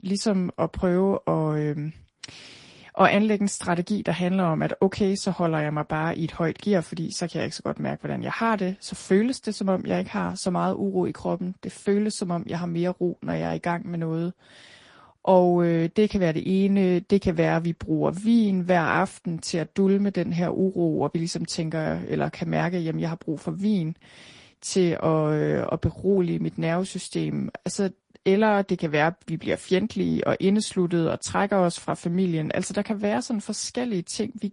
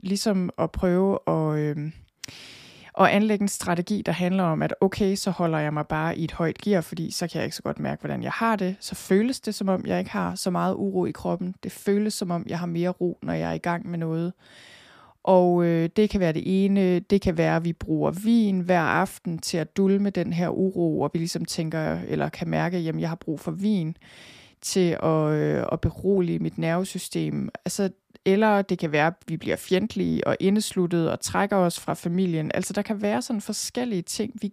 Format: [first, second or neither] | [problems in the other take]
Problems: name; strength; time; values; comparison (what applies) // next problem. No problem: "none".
second | garbled, watery; slightly; nothing above 10.5 kHz